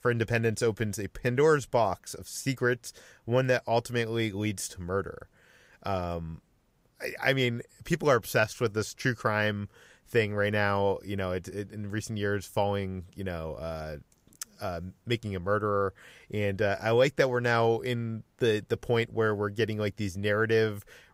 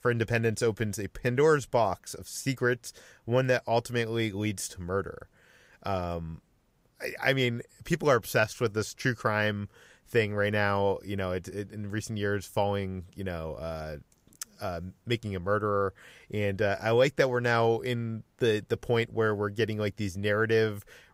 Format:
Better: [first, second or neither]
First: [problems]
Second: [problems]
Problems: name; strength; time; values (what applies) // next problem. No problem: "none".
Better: neither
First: none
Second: none